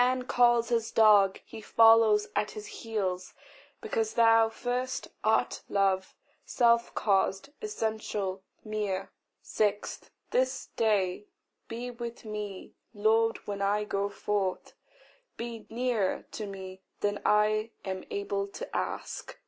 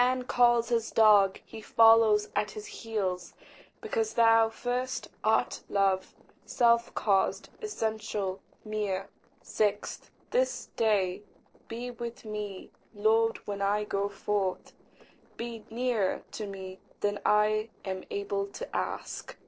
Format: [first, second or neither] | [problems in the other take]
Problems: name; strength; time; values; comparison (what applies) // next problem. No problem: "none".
first | noise reduction (neural separator model SepFormer DNS4)